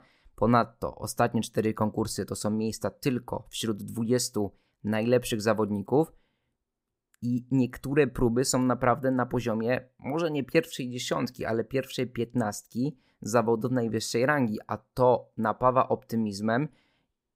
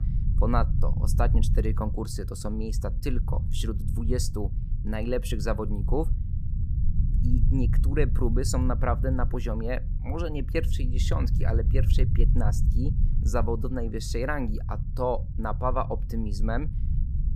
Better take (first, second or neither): first